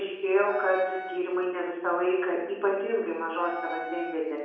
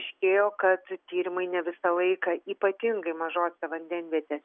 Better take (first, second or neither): second